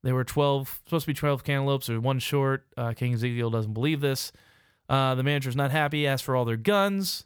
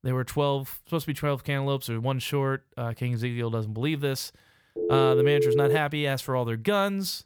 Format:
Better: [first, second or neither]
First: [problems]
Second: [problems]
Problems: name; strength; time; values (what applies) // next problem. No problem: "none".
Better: first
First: none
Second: phone ringing; loud; from 5 to 6 s; peak 6 dB above the speech